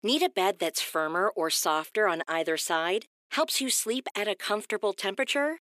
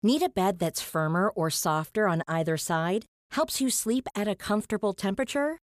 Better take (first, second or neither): second